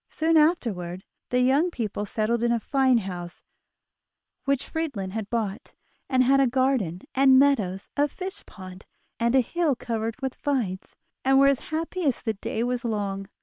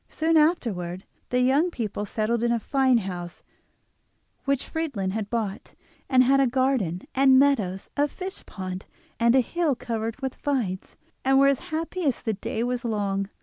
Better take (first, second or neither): second